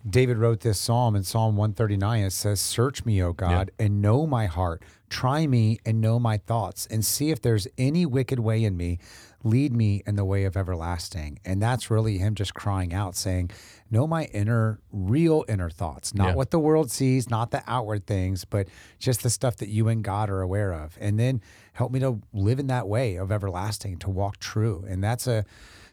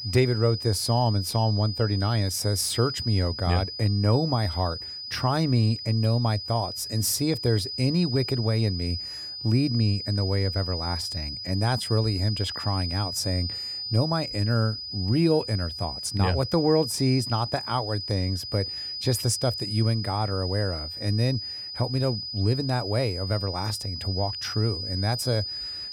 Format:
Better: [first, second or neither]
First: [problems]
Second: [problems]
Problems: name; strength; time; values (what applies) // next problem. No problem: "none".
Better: first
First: none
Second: high-pitched whine; loud; throughout; 5 kHz, 6 dB below the speech